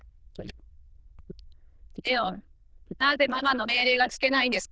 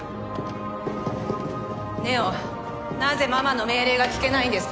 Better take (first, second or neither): second